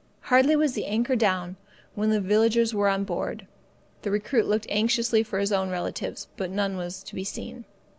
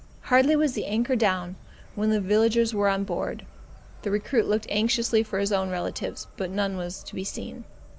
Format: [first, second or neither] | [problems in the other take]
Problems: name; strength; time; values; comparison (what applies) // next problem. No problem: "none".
first | background sound (Insect); 19 dB below the speech